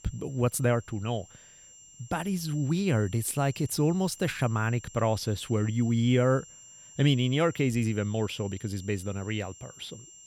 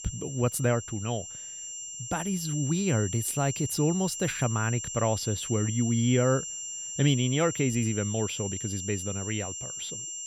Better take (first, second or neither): first